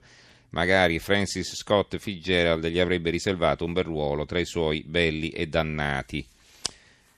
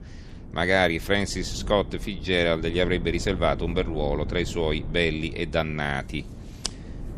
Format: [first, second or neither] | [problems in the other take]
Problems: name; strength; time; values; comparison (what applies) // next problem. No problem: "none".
first | wind noise on the microphone; occasional gusts; 20 dB below the speech